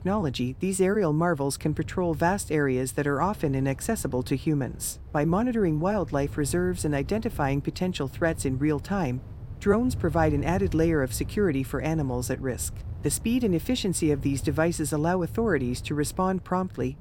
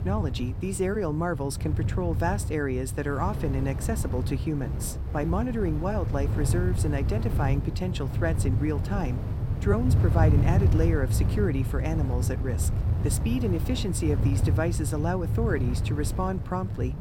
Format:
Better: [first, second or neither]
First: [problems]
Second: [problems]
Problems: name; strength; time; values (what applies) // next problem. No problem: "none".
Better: first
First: wind noise on the microphone; occasional gusts; 25 dB below the speech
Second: wind noise on the microphone; heavy; 8 dB below the speech